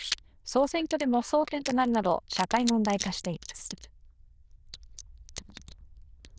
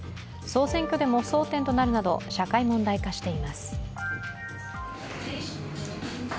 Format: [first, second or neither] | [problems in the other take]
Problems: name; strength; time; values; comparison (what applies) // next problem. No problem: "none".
second | noise reduction (neural diffusion model UNIVERSE++)